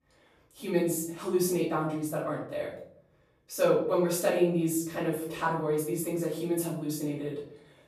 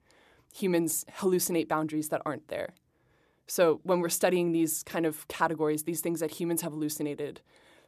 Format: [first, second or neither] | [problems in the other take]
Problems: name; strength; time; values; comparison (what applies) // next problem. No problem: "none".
second | off-mic speech; far // room echo; noticeable; dies away in 0.6 s